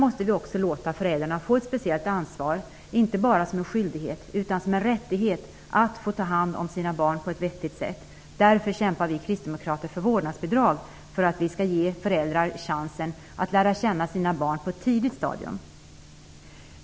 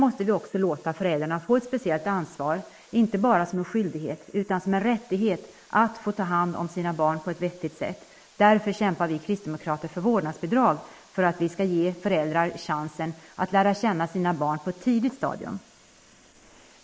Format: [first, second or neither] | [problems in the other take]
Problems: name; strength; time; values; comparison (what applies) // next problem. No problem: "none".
first | noise reduction (neural mask model Resemble Enhance denoiser)